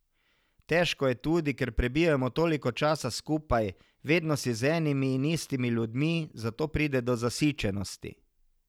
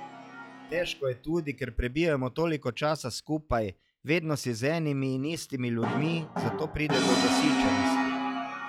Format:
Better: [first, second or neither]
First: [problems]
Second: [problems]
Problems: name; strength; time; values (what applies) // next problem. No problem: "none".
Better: first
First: none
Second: noise reduction (classical method log-MMSE)